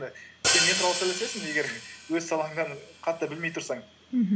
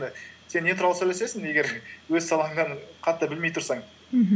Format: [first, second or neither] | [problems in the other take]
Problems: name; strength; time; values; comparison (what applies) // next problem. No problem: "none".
second | background sound (Hi-hat); as loud as the speech